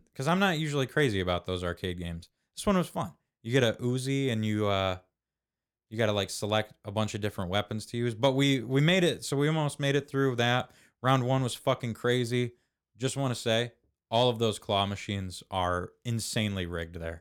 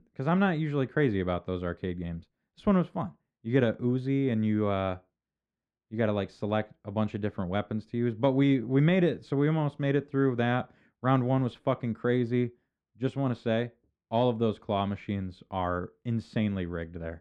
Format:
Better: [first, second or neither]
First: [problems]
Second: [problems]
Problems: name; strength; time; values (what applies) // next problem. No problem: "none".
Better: first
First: none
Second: muffled; very; fading above 2 kHz